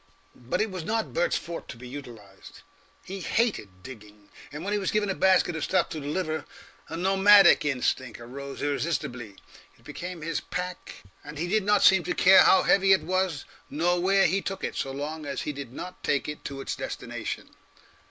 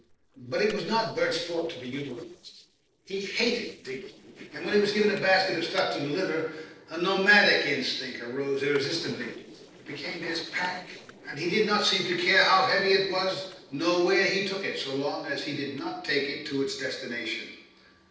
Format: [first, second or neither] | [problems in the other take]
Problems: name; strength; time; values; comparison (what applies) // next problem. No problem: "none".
first | noise reduction (neural separator model SepFormer DNS4)